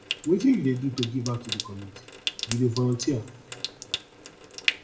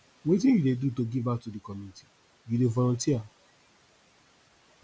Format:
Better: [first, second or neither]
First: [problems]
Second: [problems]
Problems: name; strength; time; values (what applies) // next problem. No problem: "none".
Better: second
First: background sound (Trickle, dribble / Sink (filling or washing) / Water tap, faucet); 7 dB below the speech // room echo; dies away in 0.5 s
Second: none